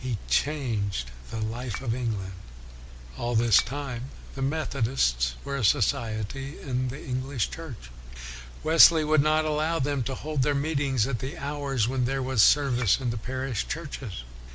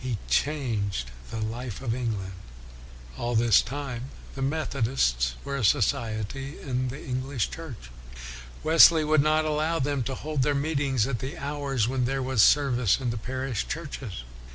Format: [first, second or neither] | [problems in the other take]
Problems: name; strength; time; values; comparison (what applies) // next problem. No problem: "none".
second | background sound (Chink, clink); 16 dB below the speech